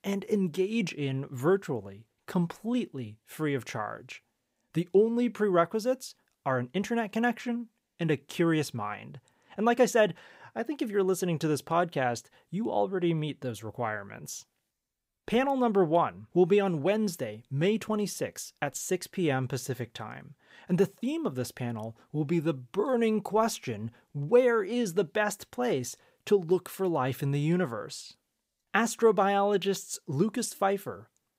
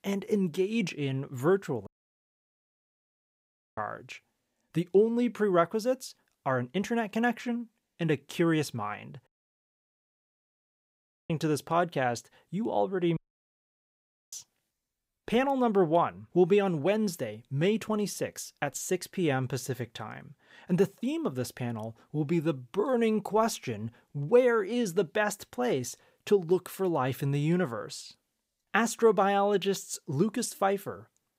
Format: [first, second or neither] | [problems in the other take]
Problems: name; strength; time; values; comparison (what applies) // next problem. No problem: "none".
first | audio cutting out; at 2 s for 2 s, at 9.5 s for 2 s and at 13 s for 1 s